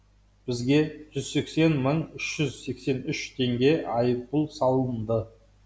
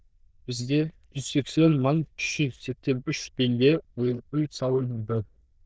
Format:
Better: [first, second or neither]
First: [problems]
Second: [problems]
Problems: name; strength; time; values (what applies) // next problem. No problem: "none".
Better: first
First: none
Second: noise reduction (neural diffusion model UNIVERSE++)